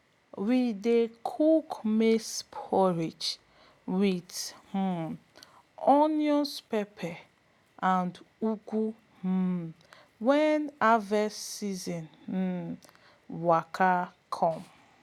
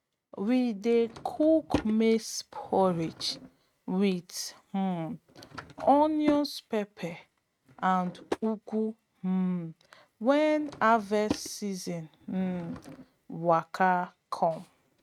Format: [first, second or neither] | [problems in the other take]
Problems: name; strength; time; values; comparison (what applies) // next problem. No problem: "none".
first | noise reduction (neural mask model RNNoise)